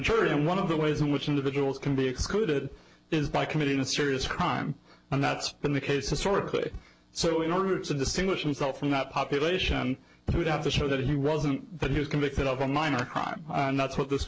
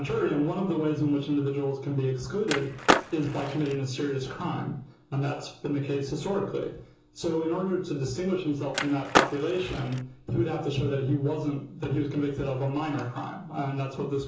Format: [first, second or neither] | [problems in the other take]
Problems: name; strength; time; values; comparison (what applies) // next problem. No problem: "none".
first | background sound (Skateboard); 1 dB above the speech // room echo; dies away in 0.6 s